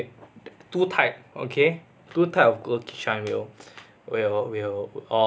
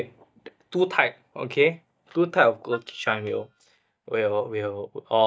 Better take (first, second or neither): first